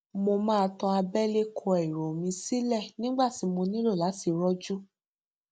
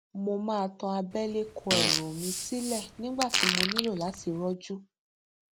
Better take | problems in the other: first | background sound (Fart); 1 dB above the speech

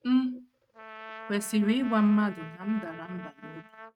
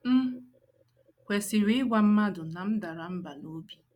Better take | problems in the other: second | noise reduction (neural mask model RNNoise)

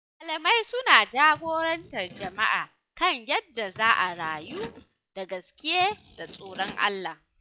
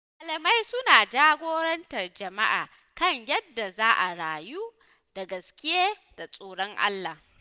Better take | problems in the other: second | noise reduction (classical method log-MMSE)

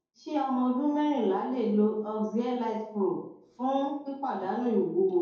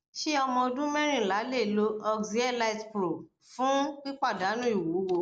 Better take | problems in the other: second | room echo; dies away in 2.2 s

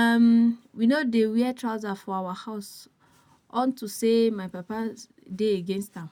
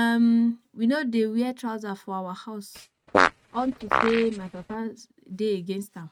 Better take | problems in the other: first | noise reduction (neural mask model RNNoise)

